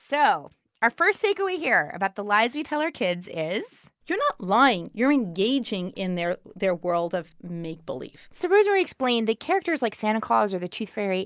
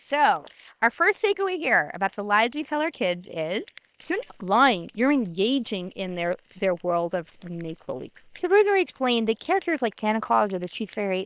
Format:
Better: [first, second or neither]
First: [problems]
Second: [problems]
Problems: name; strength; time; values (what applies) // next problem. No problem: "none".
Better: first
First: none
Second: noise reduction (neural separator model SepFormer WHAM!)